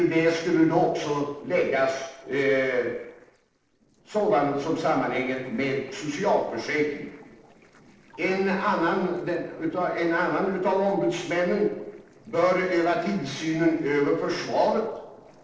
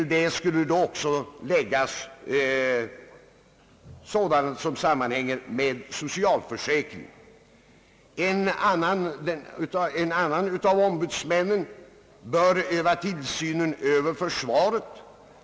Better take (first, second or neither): second